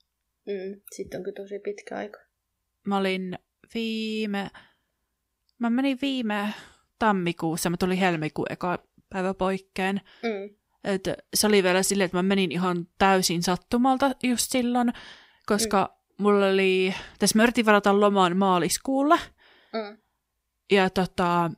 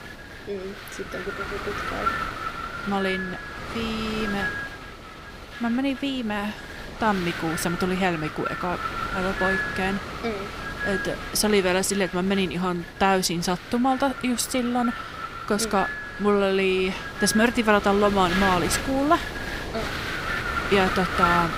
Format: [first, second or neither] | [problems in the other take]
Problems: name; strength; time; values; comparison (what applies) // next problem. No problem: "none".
first | wind noise on the microphone; heavy; 4 dB below the speech